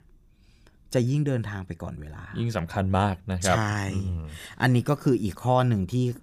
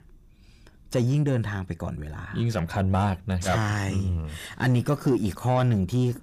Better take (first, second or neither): first